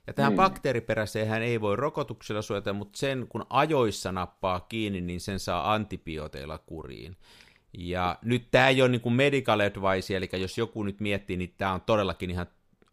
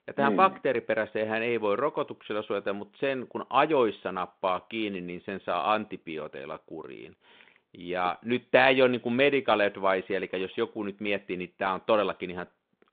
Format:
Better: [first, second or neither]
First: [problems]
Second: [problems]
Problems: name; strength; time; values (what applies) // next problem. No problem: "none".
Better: first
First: none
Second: phone-call audio; nothing above 3.5 kHz